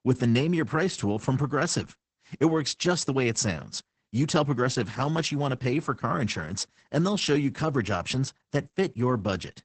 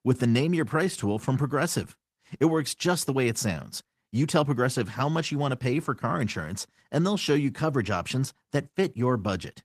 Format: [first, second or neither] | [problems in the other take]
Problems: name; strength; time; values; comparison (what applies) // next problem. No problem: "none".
second | garbled, watery; badly; nothing above 8 kHz; slightly in the second